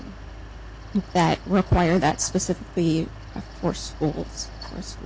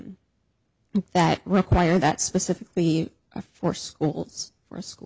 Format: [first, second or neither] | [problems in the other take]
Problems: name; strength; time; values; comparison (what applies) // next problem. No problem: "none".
second | background sound (Mechanical fan); 13 dB below the speech